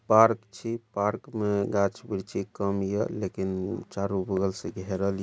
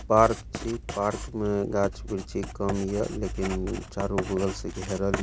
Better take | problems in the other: first | background sound (Writing); 8 dB below the speech

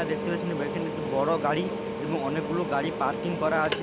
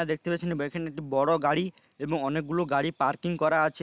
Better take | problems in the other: second | background sound (Mechanical fan); 3 dB below the speech

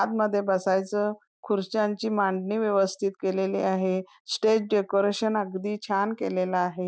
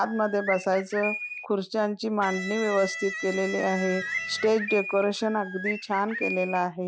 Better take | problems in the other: first | background sound (Bird + Electric guitar); 7 dB below the speech

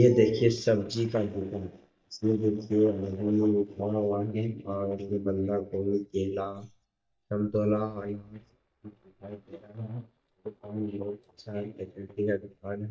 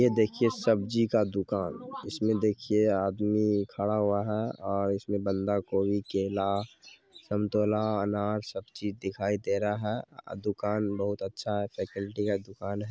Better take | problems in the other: second | noise reduction (neural mask model DeepFilterNet 3)

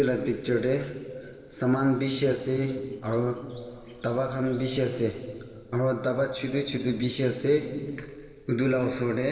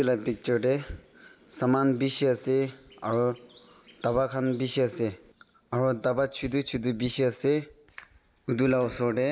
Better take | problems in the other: second | noise reduction (neural separator model SepFormer DNS4)

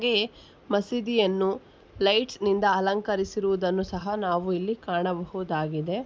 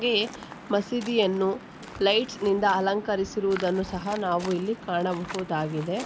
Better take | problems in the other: first | background sound (Waves, surf); 15 dB below the speech

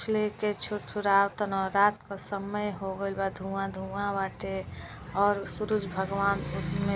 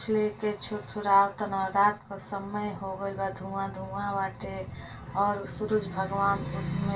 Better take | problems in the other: first | room echo; dies away in 0.2 s

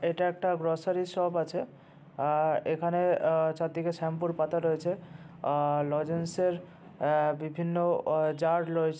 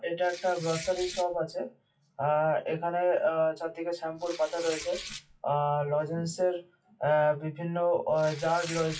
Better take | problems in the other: first | noise reduction (classical method WPE with log-MMSE)

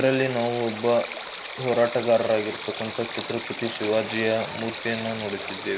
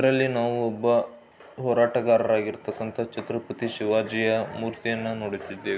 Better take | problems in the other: second | background sound (Stream); 10 dB below the speech

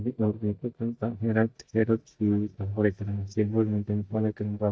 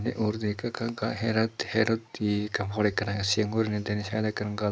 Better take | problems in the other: second | noise reduction (neural mask model DeepFilterNet 3)

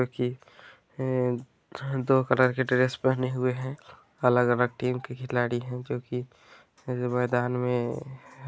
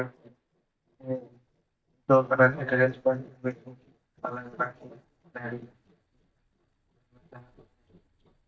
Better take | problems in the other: first | noise reduction (neural mask model DeepFilterNet 3)

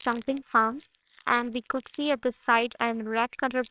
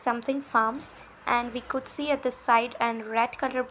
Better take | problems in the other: second | noise reduction (neural separator model SepFormer WHAMR!)

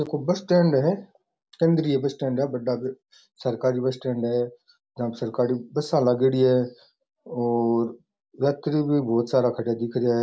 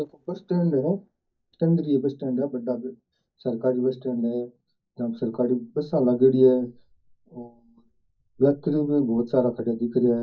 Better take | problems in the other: first | noise reduction (neural mask model DeepFilterNet 3)

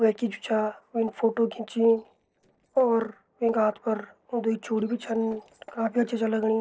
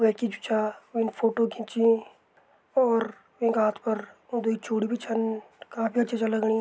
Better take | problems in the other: second | noise reduction (neural separator model SepFormer DNS4)

